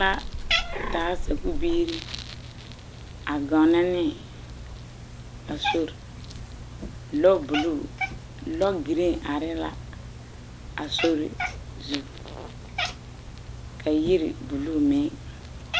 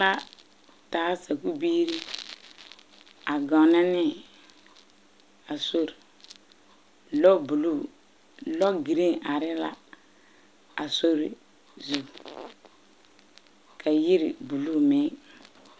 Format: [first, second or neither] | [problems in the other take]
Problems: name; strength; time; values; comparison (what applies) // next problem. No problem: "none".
second | background sound (Cat); 6 dB below the speech